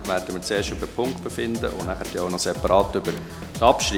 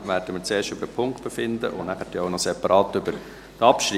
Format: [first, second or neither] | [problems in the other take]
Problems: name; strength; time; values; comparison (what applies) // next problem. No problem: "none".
second | background sound (Drum kit); 10 dB below the speech